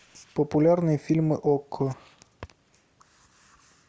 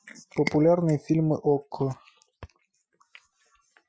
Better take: first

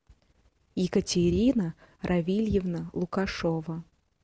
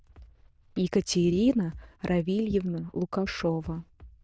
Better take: first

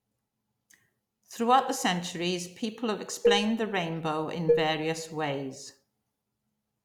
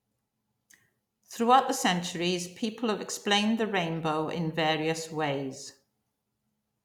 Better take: second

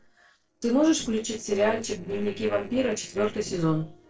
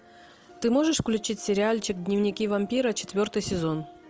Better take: second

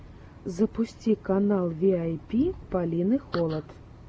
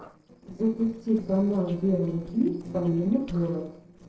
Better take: first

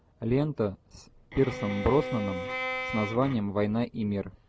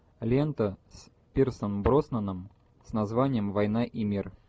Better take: second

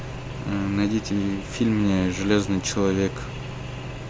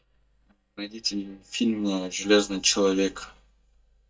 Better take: first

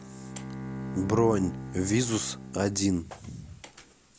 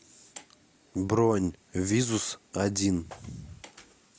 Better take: second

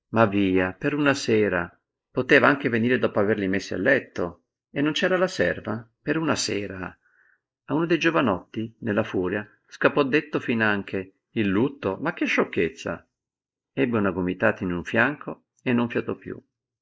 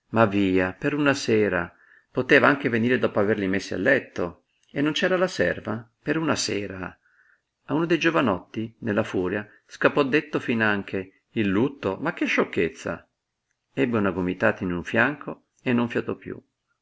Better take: second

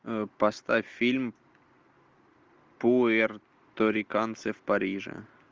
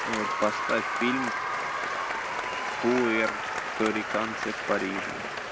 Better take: first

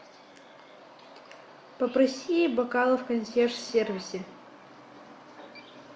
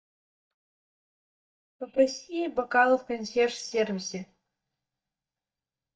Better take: first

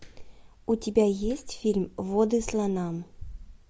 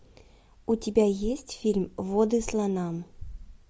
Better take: second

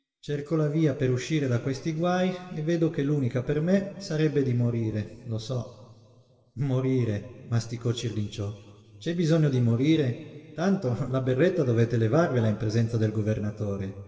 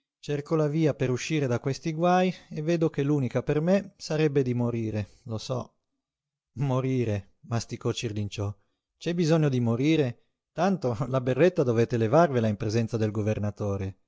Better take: second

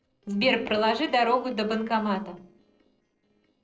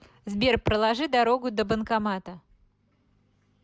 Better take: second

